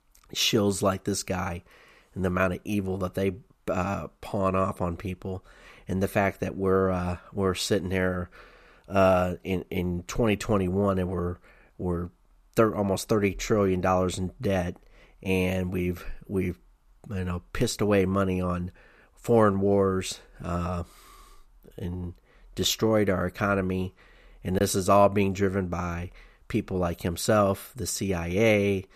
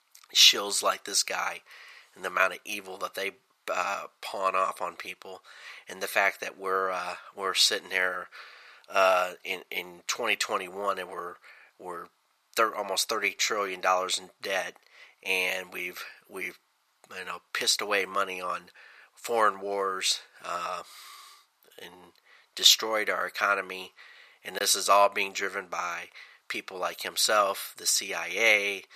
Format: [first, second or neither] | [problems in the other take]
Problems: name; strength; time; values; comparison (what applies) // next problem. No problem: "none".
first | thin; very; fading below 900 Hz